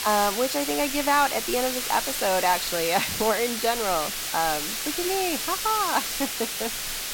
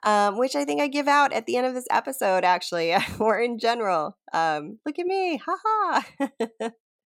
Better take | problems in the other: second | hiss; loud; throughout; 2 dB below the speech

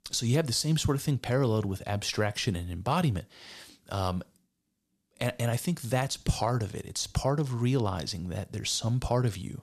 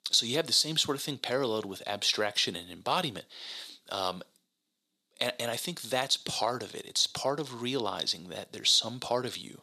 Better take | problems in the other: first | thin; somewhat; fading below 350 Hz

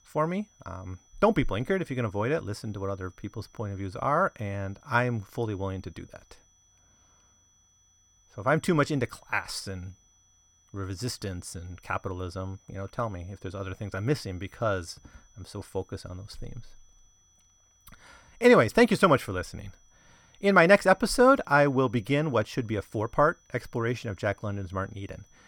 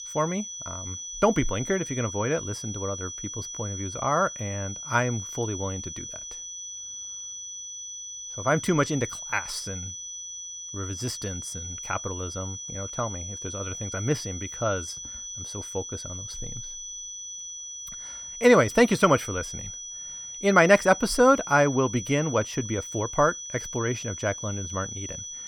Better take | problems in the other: first | high-pitched whine; loud; throughout; 6 kHz, 9 dB below the speech; faint in the first

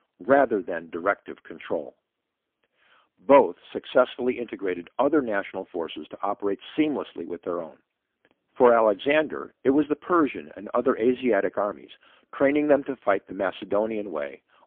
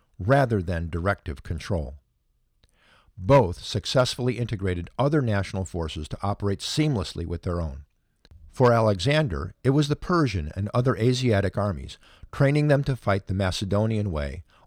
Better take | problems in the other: second | phone-call audio; poor line; nothing above 3.5 kHz

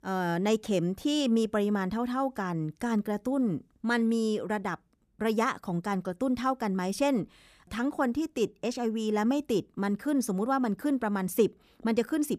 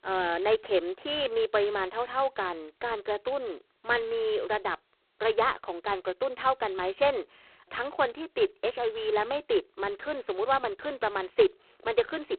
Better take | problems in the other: first | phone-call audio; poor line; nothing above 4 kHz

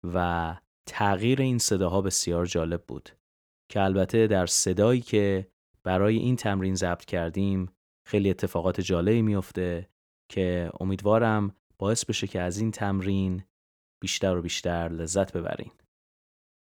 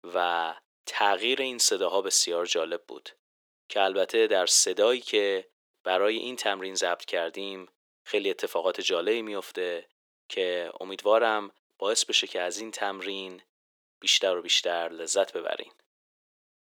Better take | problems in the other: first | thin; very; fading below 400 Hz

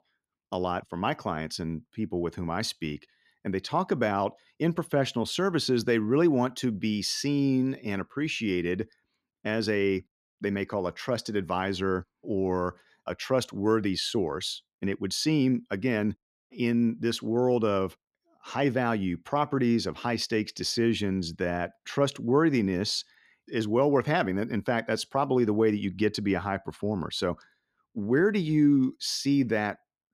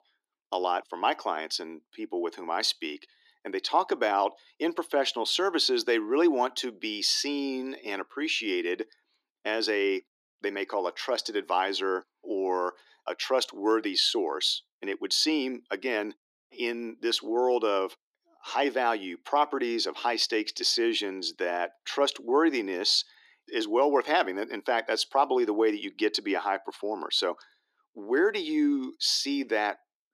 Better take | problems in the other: first | thin; somewhat; fading below 300 Hz

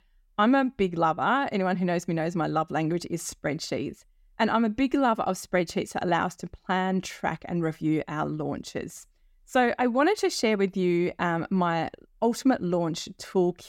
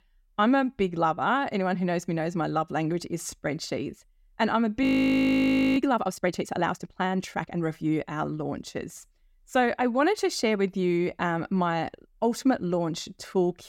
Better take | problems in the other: first | audio freezing; at 5 s for 1 s

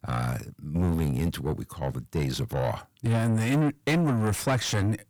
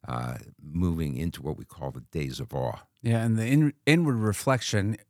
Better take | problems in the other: second | distortion; heavy; 6 dB below the speech

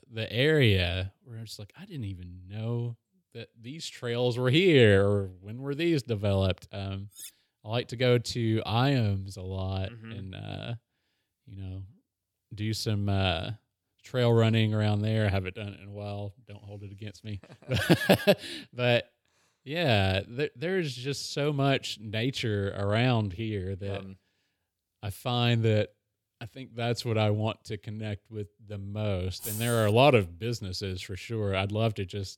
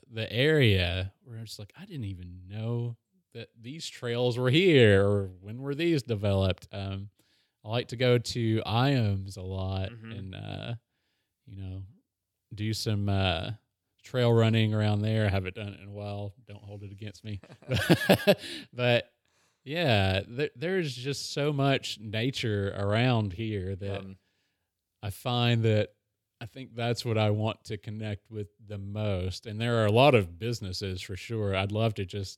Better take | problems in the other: second | clattering dishes; faint; at 7 s; peak 15 dB below the speech // jangling keys; noticeable; at 29 s; peak 7 dB below the speech

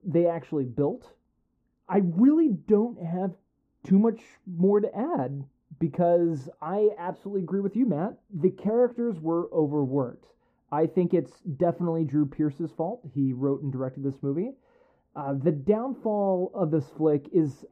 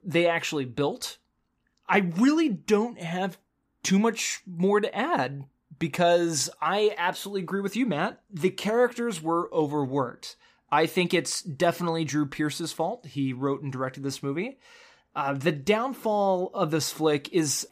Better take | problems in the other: second | muffled; very; fading above 1.5 kHz

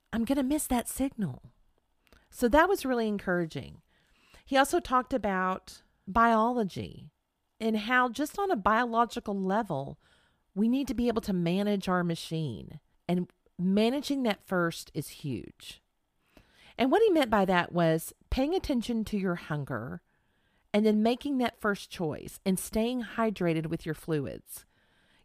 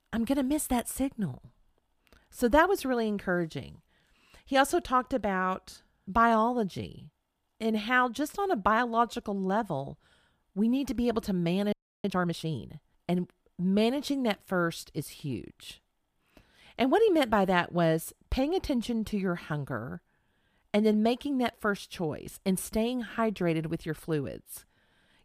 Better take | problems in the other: first | audio freezing; at 12 s

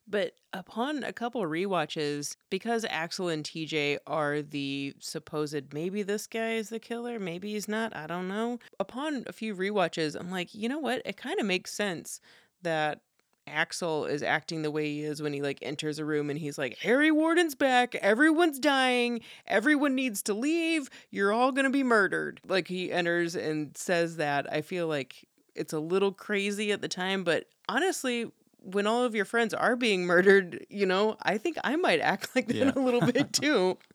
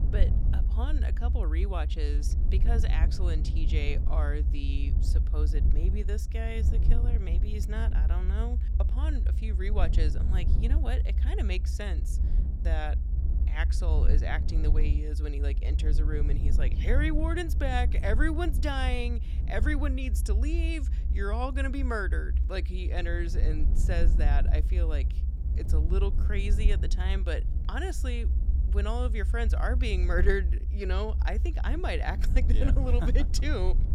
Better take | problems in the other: first | low rumble; noticeable; throughout; 10 dB below the speech

